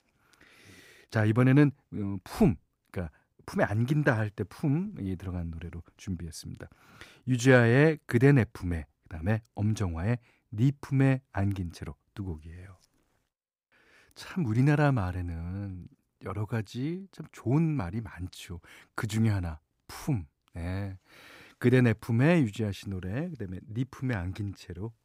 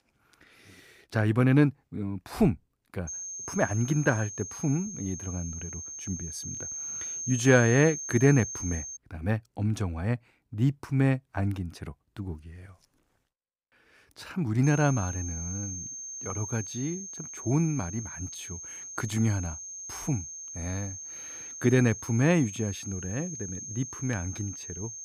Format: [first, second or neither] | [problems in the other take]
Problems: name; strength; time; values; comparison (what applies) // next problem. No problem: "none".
first | high-pitched whine; loud; from 3 to 9 s and from 15 s on; 6.5 kHz, 8 dB below the speech